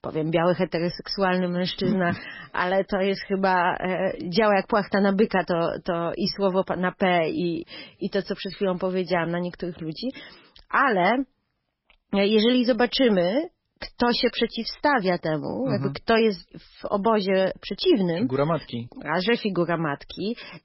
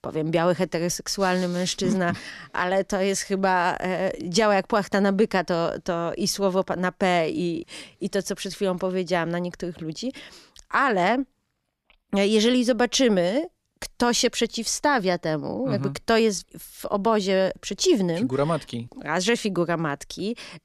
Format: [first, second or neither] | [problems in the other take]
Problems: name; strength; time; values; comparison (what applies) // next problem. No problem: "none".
second | garbled, watery; badly; nothing above 5.5 kHz